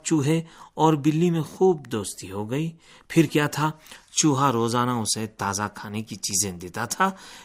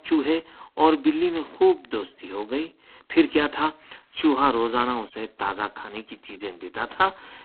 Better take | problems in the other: first | phone-call audio; poor line; nothing above 4 kHz

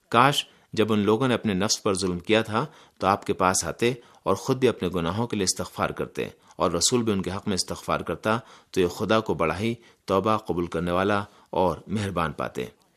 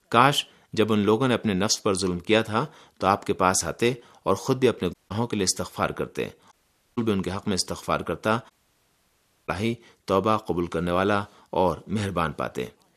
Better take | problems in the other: first | audio cutting out; at 5 s, at 6.5 s and at 8.5 s for 1 s

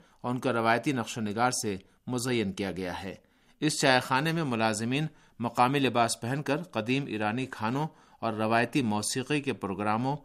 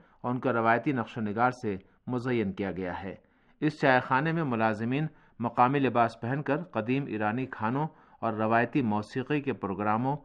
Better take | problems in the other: first | muffled; very; fading above 1.5 kHz

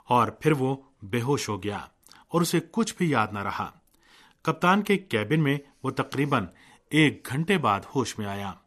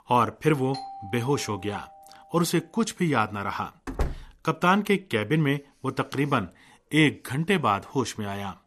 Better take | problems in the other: first | doorbell; faint; from 0.5 to 2.5 s; peak 10 dB below the speech // door banging; noticeable; at 4 s; peak 6 dB below the speech

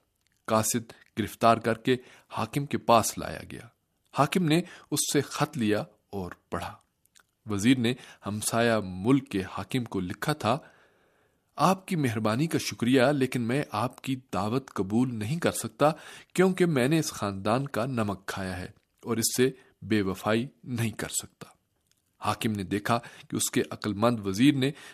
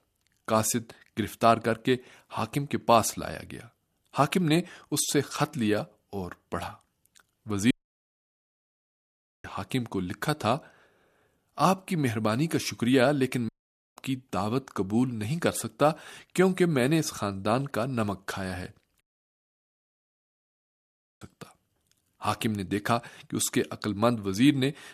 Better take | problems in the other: first | audio cutting out; at 7.5 s for 1.5 s, at 13 s and at 19 s for 2 s

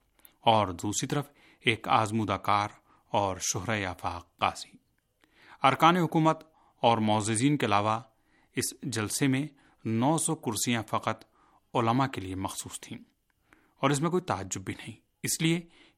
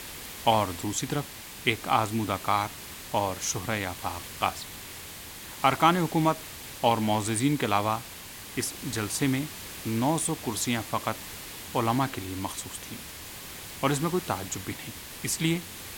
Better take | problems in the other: first | hiss; noticeable; throughout; 10 dB below the speech

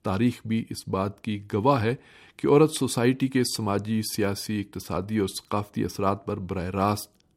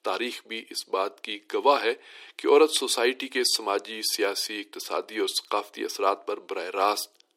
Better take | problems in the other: first | thin; very; fading below 350 Hz

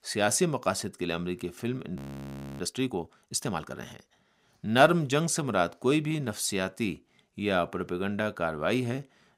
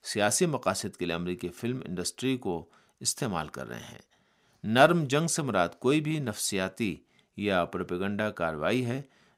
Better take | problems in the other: second | audio freezing; at 2 s for 0.5 s

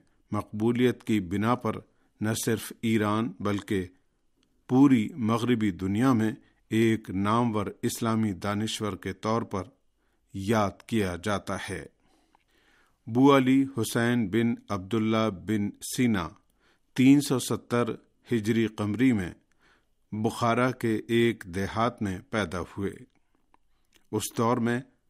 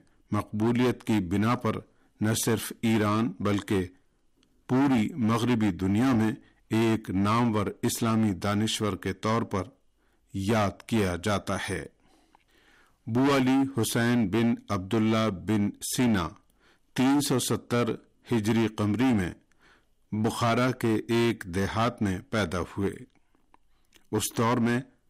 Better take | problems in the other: first | distortion; heavy; 12% of the sound clipped

